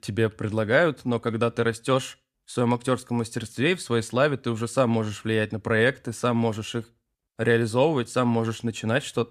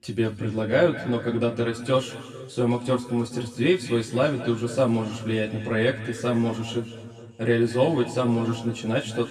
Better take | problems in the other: first | room echo; noticeable; dies away in 2 s // off-mic speech; far

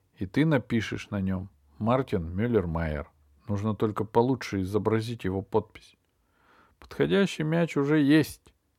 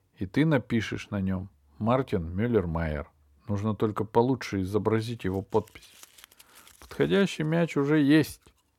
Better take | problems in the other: first | household noises; faint; from 5 s on; 30 dB below the speech

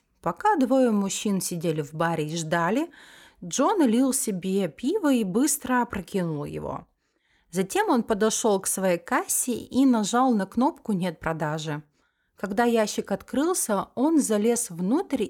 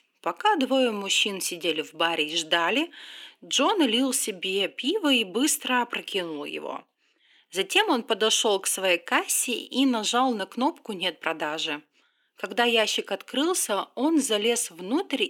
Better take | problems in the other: first | thin; very slightly; fading below 300 Hz

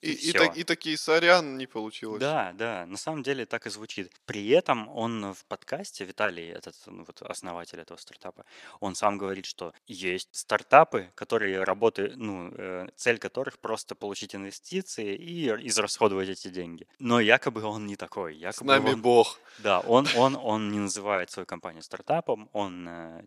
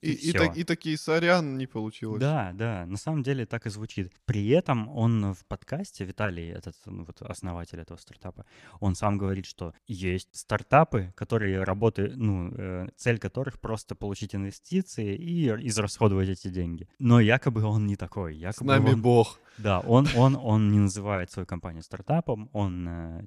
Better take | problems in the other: second | thin; somewhat; fading below 400 Hz

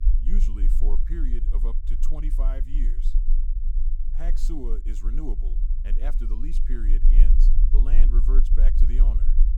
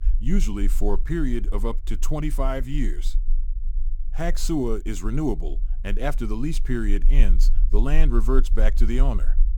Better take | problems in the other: second | low rumble; loud; throughout; 6 dB below the speech; faint in the second

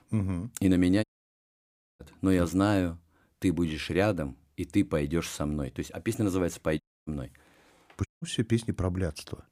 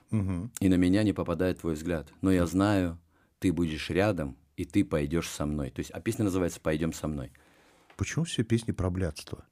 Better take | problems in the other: second | audio cutting out; at 1 s for 1 s, at 7 s and at 8 s

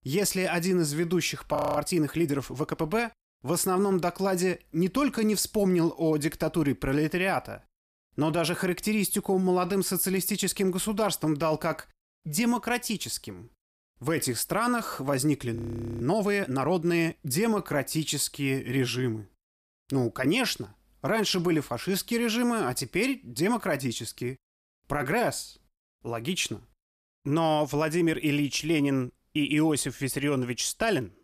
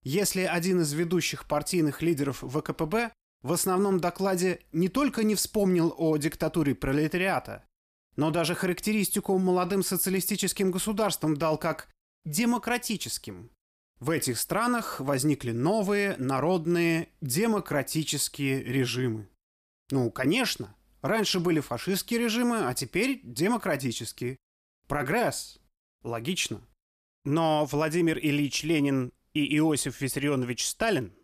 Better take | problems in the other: second | audio freezing; at 1.5 s and at 16 s

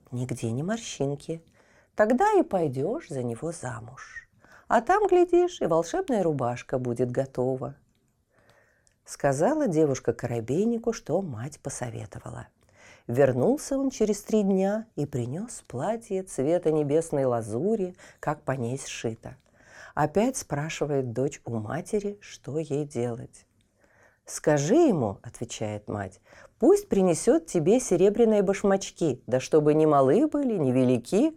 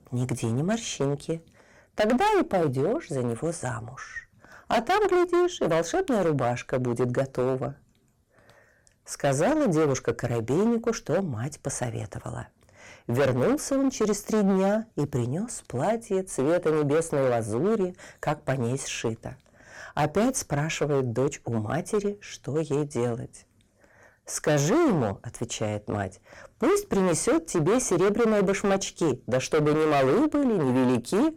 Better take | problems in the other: first | distortion; heavy; 11% of the sound clipped

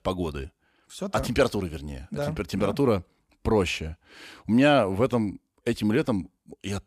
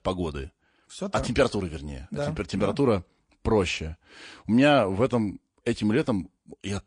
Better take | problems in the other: first | garbled, watery; slightly; nothing above 8 kHz

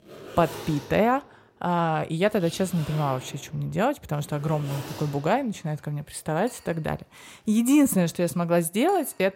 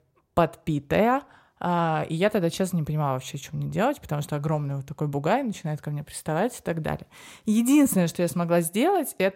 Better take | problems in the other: second | household noises; noticeable; throughout; 15 dB below the speech

